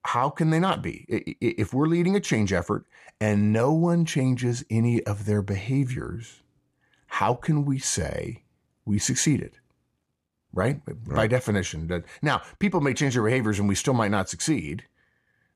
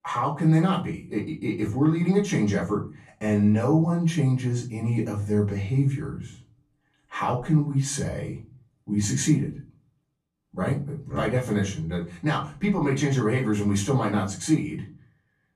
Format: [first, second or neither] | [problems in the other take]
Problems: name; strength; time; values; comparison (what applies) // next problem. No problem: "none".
first | off-mic speech; far // room echo; slight; dies away in 0.3 s